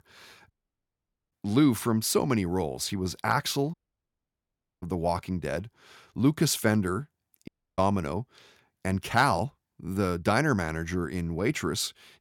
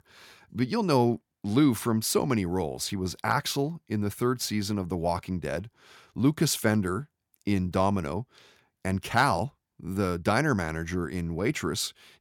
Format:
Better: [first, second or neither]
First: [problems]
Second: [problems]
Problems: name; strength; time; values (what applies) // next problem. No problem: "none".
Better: second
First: audio cutting out; at 0.5 s for 1 s, at 3.5 s for 1 s and at 7.5 s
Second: none